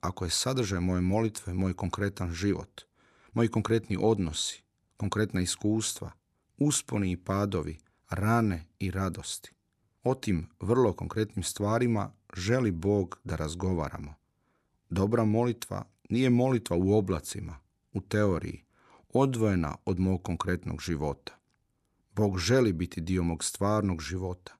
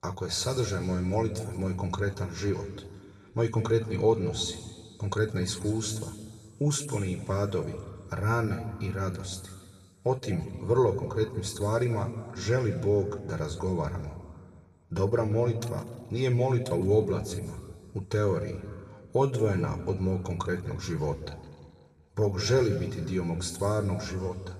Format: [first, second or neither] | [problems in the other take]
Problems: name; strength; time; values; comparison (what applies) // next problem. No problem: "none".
first | room echo; noticeable; dies away in 1.6 s // off-mic speech; somewhat distant